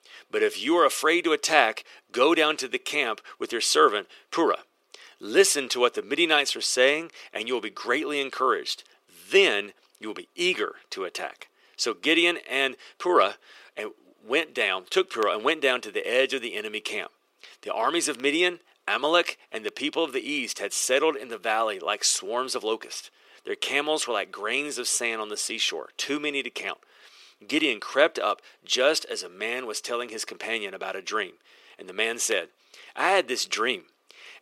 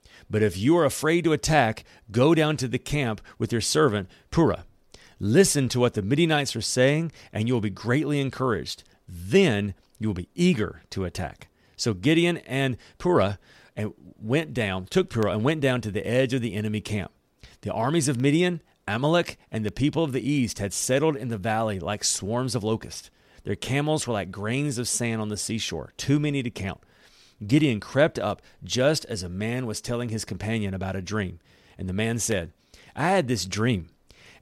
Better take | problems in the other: second | thin; very; fading below 350 Hz

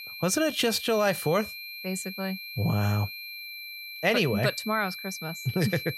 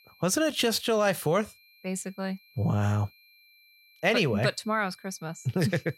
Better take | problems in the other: second | high-pitched whine; loud; throughout; 2.5 kHz, 9 dB below the speech; faint in the second

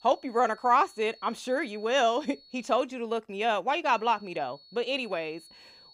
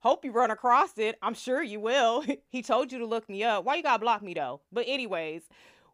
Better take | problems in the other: second | high-pitched whine; faint; until 3 s and from 4 s on; 4.5 kHz, 25 dB below the speech

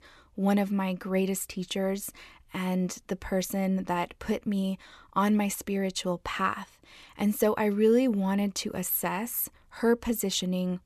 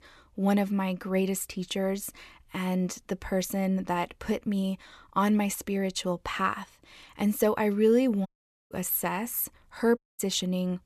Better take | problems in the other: first | audio cutting out; at 8.5 s and at 10 s

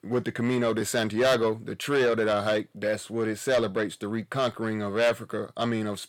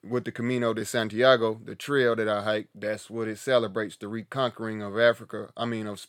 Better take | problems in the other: second | distortion; heavy; 8 dB below the speech

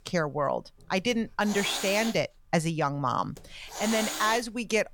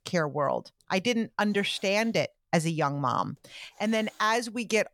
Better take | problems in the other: second | hiss; loud; throughout; 6 dB below the speech; faint in the second

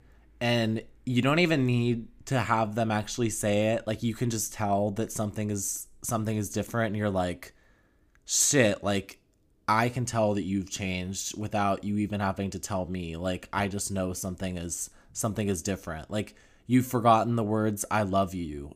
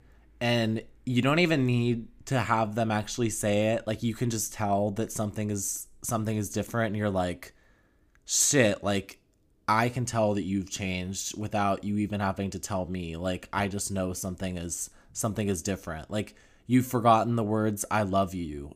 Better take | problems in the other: neither | none

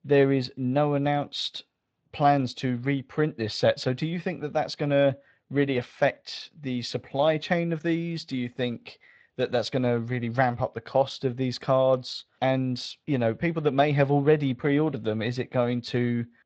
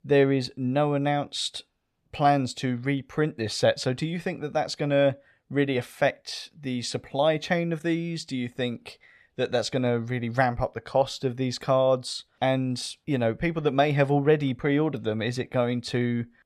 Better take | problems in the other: second | garbled, watery; slightly; nothing above 7.5 kHz

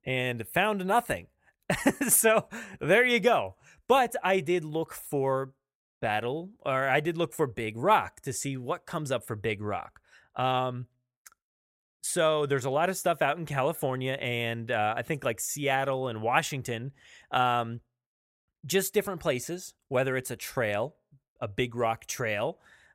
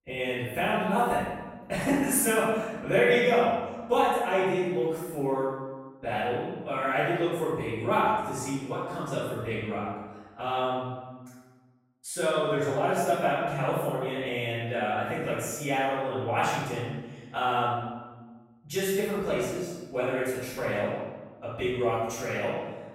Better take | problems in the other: first | off-mic speech; far // room echo; strong; dies away in 1.2 s

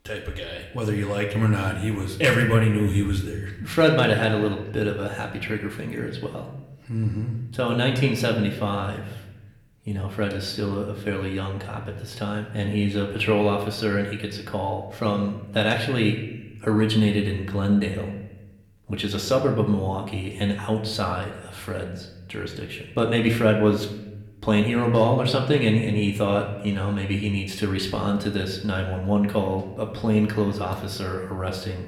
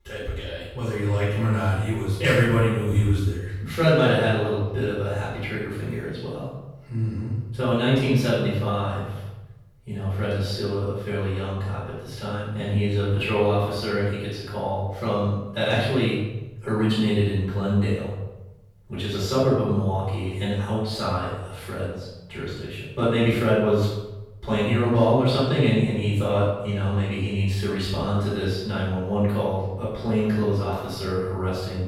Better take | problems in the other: first | room echo; strong; dies away in 0.9 s; slight in the first // off-mic speech; far; somewhat distant in the first

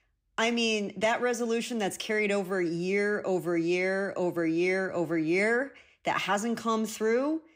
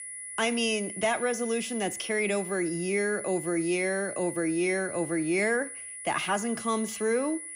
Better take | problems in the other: first | high-pitched whine; loud; throughout; 10 kHz, 9 dB below the speech

